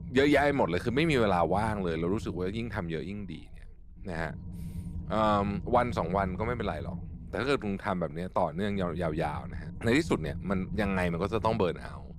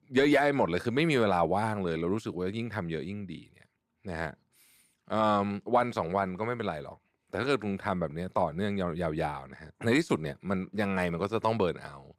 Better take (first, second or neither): second